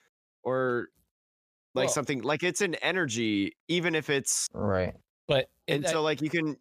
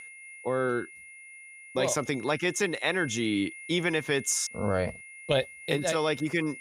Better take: first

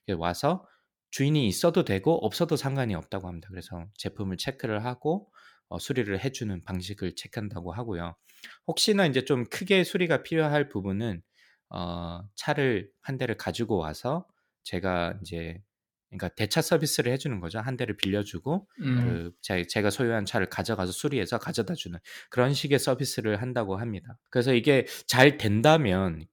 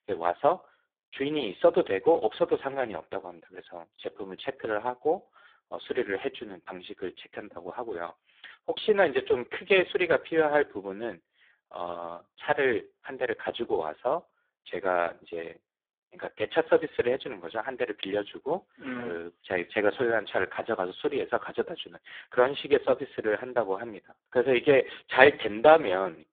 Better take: first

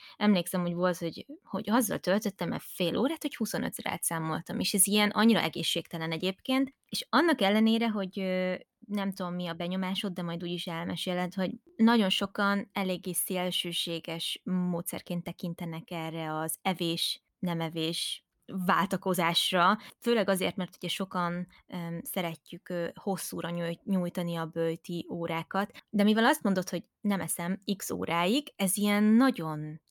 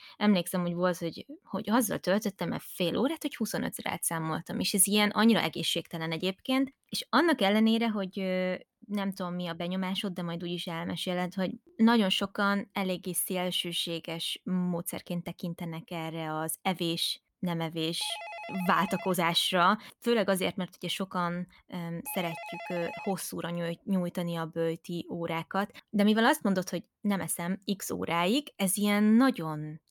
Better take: first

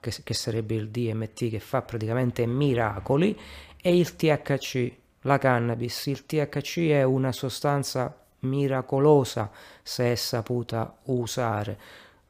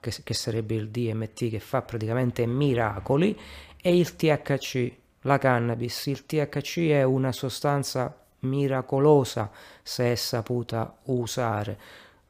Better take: neither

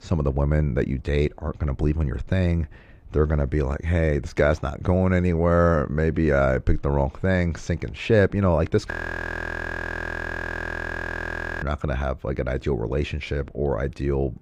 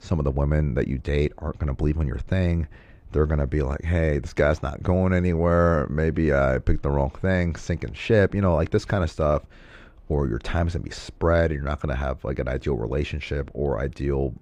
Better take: second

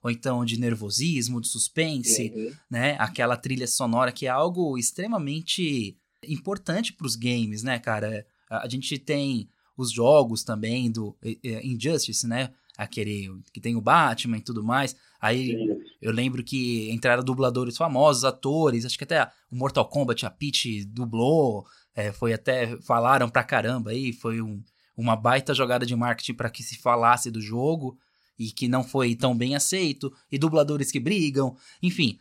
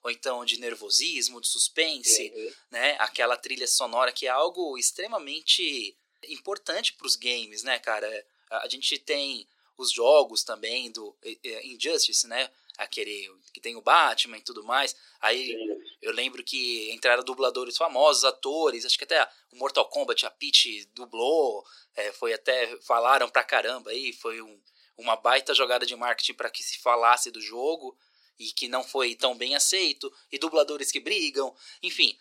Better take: first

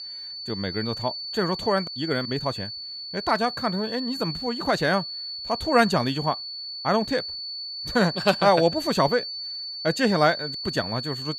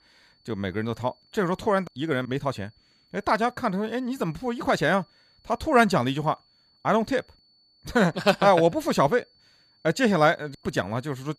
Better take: second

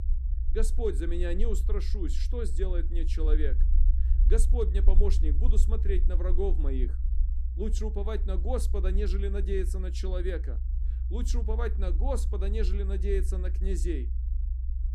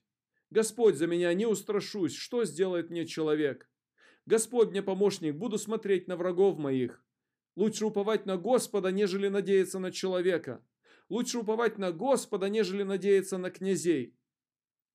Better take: second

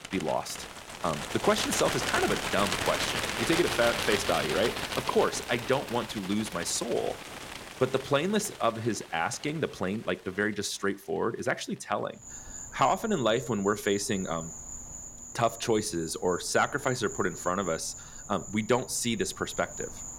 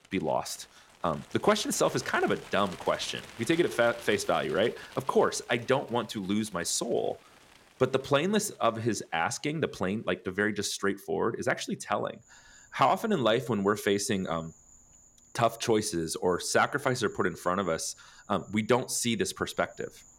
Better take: second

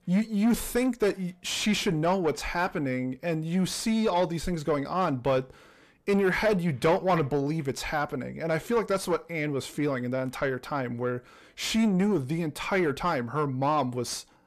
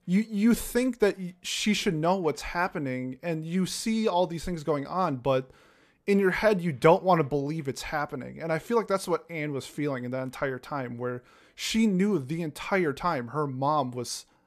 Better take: second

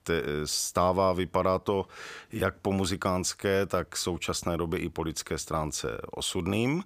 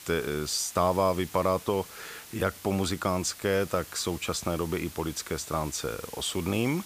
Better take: first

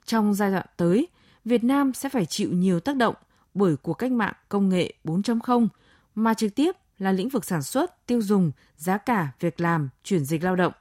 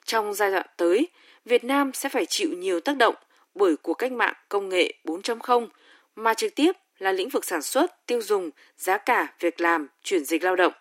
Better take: first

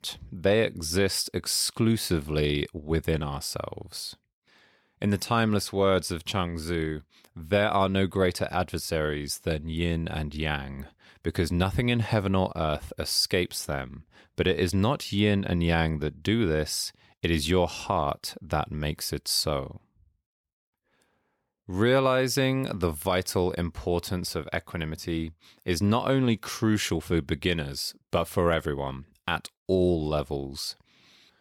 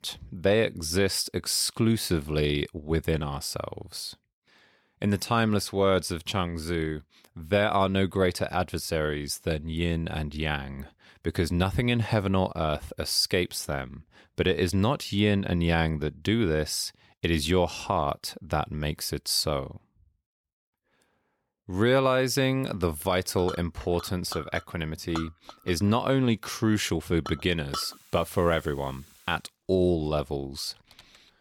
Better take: first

